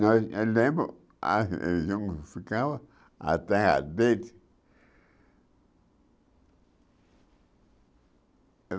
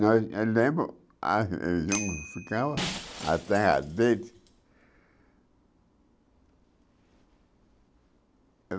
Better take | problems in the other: first | background sound (Shatter + Bicycle bell); 10 dB below the speech

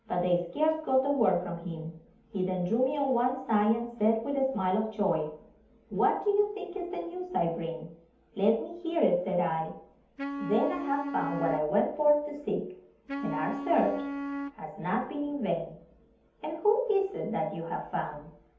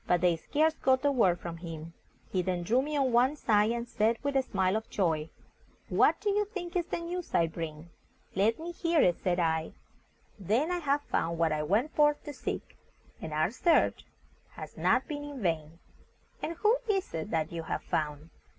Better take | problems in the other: second | background sound (Wind instrument, woodwind instrument); 7 dB below the speech // room echo; dies away in 0.6 s

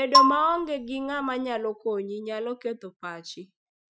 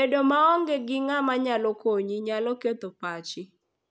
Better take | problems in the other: second | noise reduction (classical method Wiener filter)

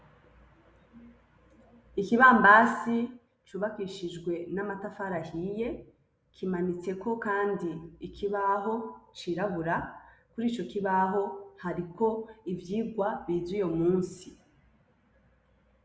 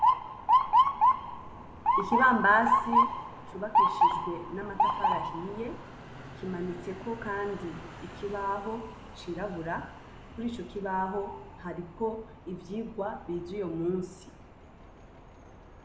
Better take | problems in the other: first | background sound (Motor vehicle (road) / Siren); 3 dB above the speech

